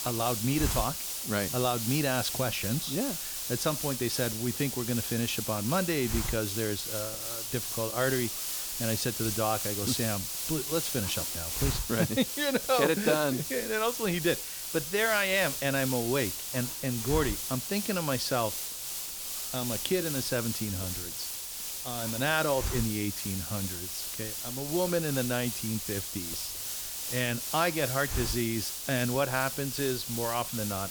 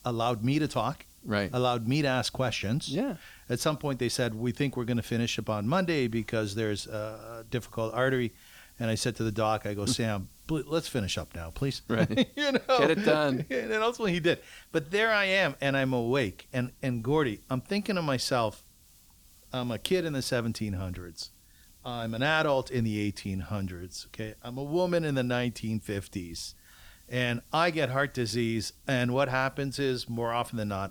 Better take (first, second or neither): second